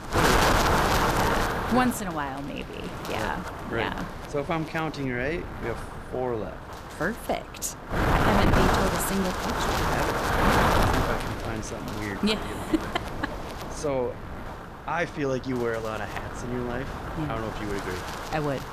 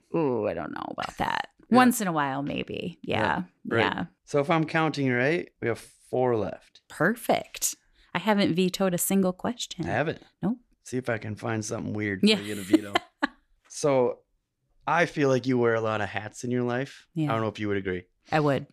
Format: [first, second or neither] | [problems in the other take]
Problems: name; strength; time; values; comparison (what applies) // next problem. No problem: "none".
second | wind noise on the microphone; heavy; 5 dB above the speech